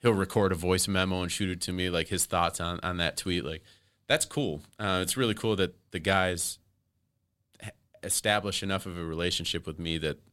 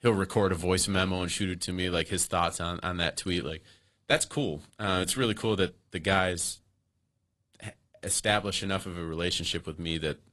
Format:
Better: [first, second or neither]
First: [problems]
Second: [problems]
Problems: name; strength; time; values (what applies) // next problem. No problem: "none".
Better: first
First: none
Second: garbled, watery; slightly; nothing above 11.5 kHz